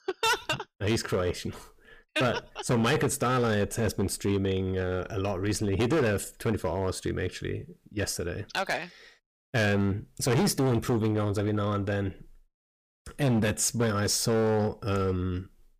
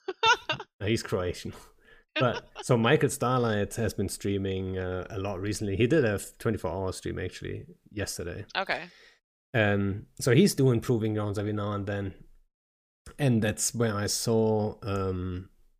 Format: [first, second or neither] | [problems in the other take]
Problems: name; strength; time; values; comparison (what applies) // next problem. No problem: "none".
second | distortion; heavy; 10% of the sound clipped